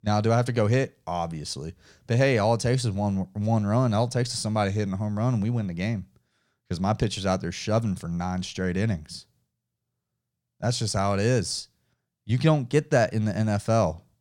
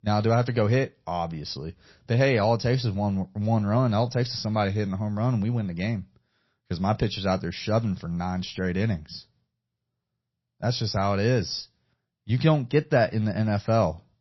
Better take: first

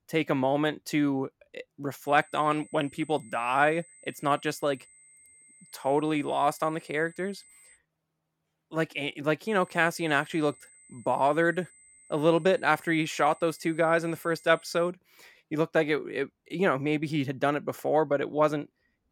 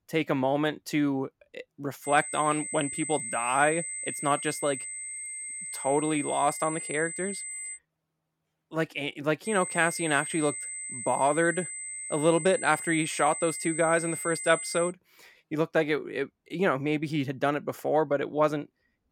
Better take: first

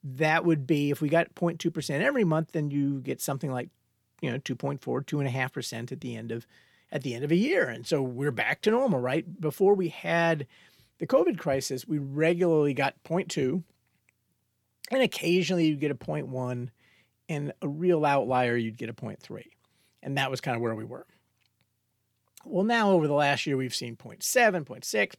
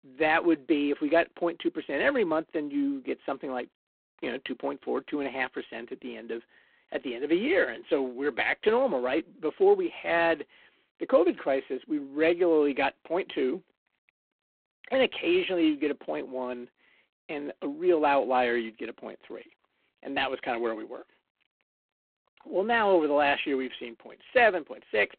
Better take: first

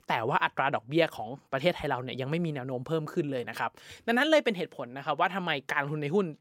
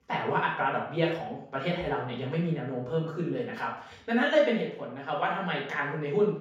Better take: first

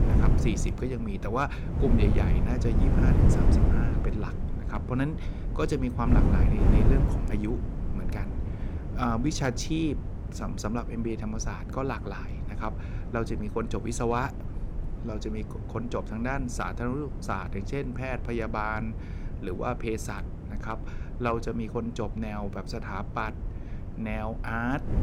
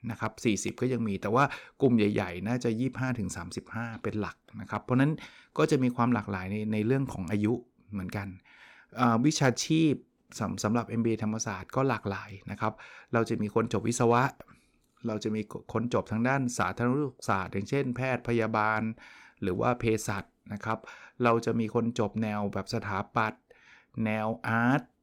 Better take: second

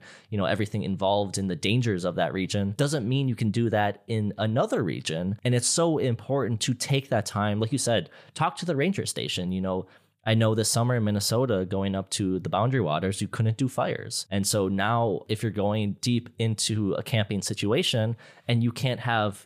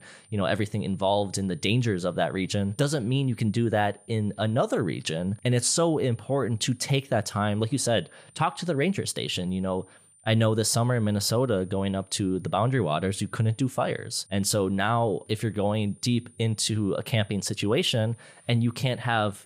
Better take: first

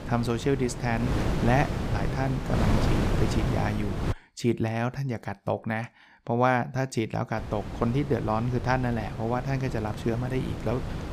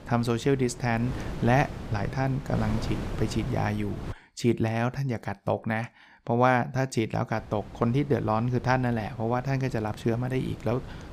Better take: second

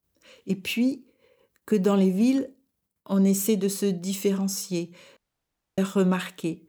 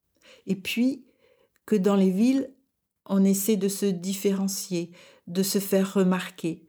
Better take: second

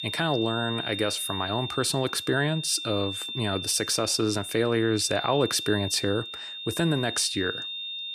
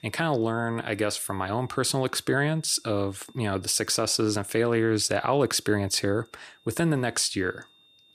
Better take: second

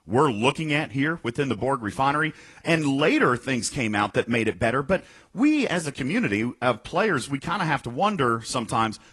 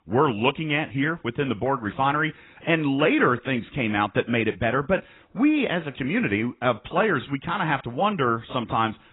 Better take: first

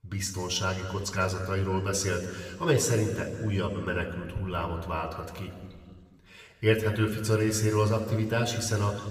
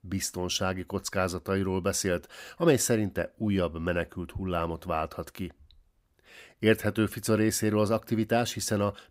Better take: second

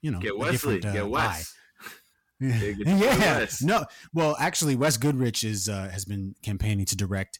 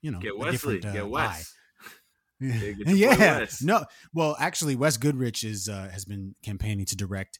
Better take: second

